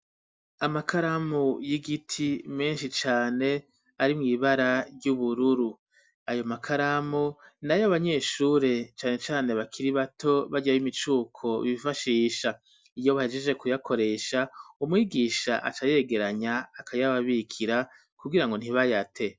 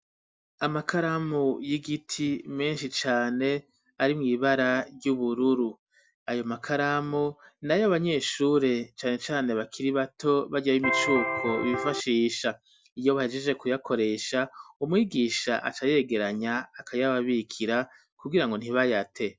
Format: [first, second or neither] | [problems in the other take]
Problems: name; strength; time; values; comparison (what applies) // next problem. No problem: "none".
first | background sound (Electric guitar); 1 dB below the speech